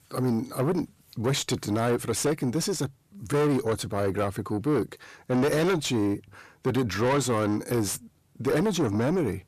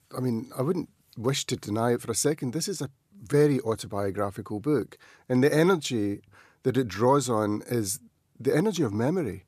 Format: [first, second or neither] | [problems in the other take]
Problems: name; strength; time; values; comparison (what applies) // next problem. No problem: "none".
second | distortion; heavy; 7 dB below the speech